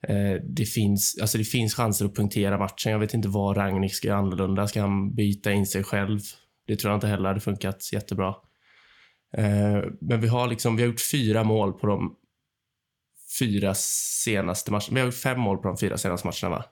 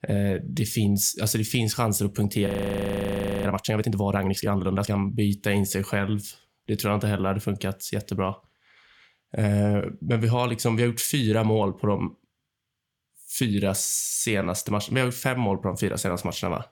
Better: first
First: none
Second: audio freezing; at 2.5 s for 1 s

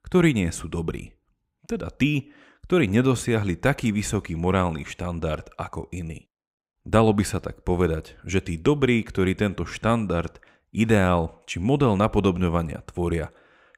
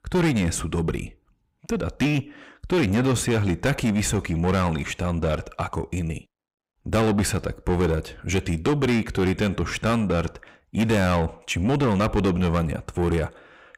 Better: first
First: none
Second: distortion; heavy; 7 dB below the speech

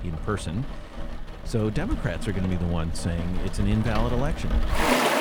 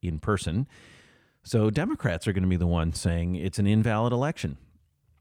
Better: second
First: rain or running water; loud; throughout; 2 dB below the speech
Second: none

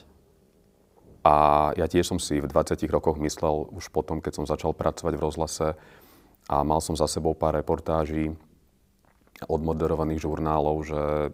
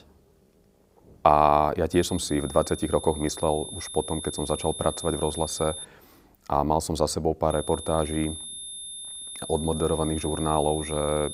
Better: first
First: none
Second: high-pitched whine; loud; from 2 to 6 s and from 7.5 s on; 3.5 kHz, 10 dB below the speech

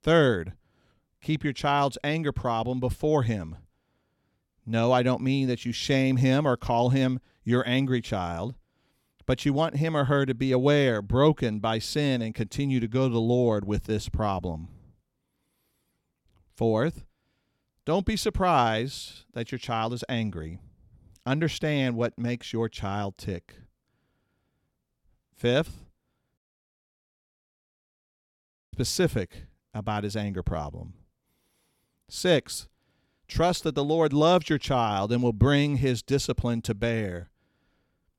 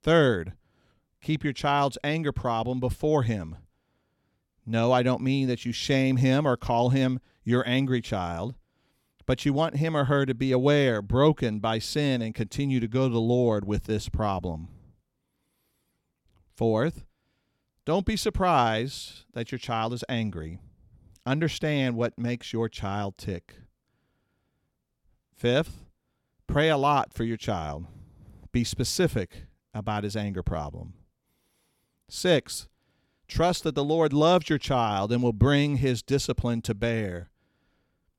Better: second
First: audio cutting out; at 26 s for 2.5 s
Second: none

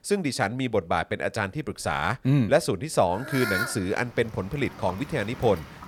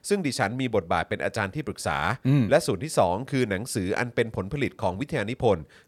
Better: second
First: animal sounds; loud; throughout; 9 dB below the speech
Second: none

